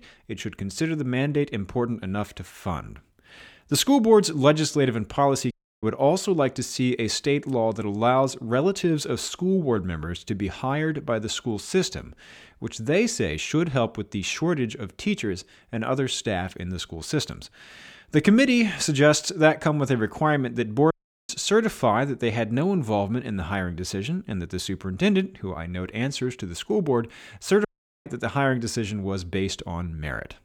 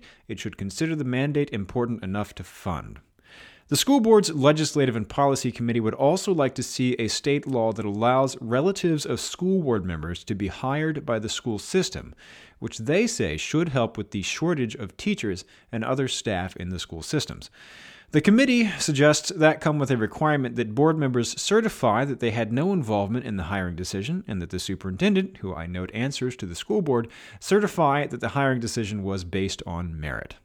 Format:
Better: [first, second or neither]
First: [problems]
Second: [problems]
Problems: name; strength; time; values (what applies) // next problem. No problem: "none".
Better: second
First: audio cutting out; at 5.5 s, at 21 s and at 28 s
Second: none